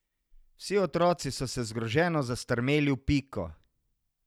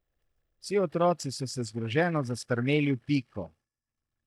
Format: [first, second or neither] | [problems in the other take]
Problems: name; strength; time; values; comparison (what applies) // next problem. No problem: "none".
first | noise reduction (neural mask model DeepFilterNet 3)